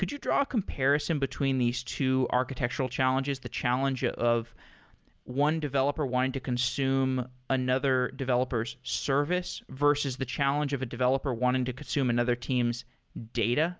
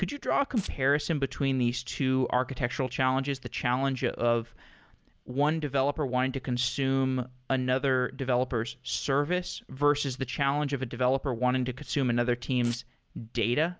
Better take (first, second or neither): first